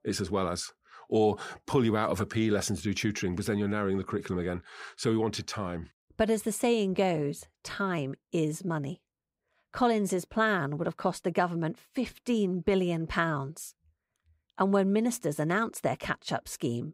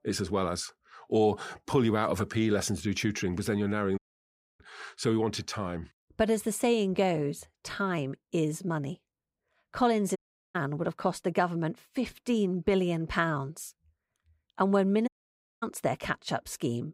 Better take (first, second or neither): first